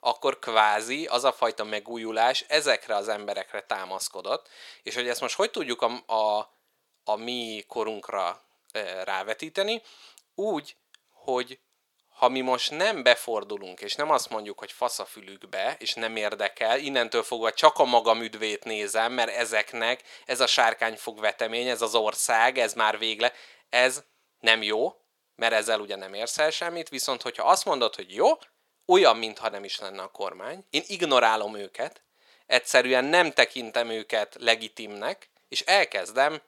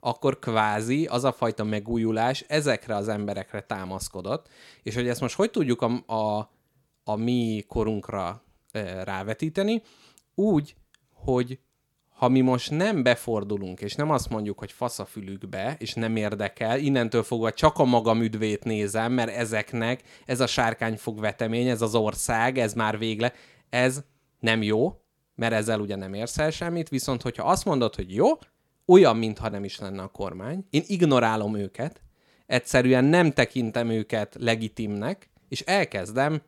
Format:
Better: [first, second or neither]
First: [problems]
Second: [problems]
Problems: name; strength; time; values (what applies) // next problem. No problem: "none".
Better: second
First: thin; very; fading below 650 Hz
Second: none